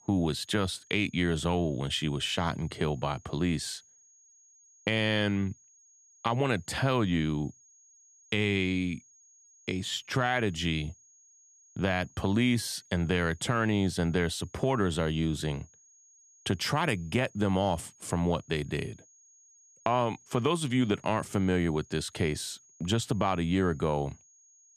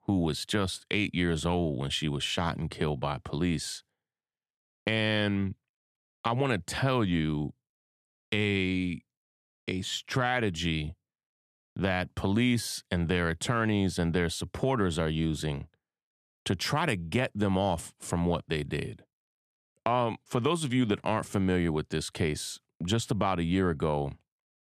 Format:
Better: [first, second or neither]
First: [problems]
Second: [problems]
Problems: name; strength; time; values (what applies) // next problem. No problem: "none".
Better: second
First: high-pitched whine; faint; throughout; 6.5 kHz, 30 dB below the speech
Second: none